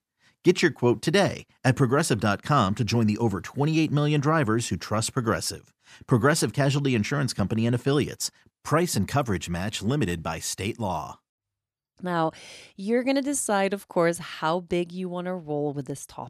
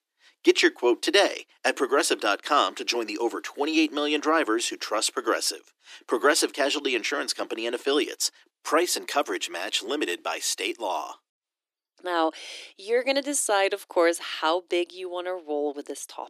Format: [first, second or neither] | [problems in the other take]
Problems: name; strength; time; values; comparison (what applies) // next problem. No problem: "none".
first | thin; very; fading below 300 Hz